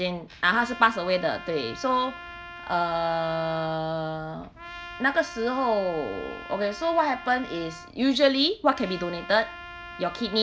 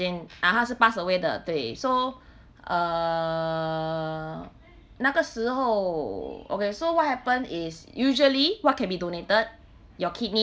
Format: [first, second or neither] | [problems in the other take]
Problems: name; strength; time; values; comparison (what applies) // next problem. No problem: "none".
second | background sound (Trumpet); 15 dB below the speech